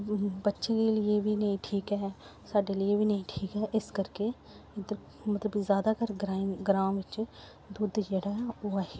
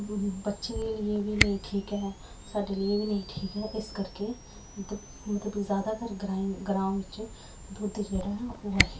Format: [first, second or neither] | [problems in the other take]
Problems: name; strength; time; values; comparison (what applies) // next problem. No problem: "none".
first | background sound (Camera); 5 dB below the speech // room echo; dies away in 0.2 s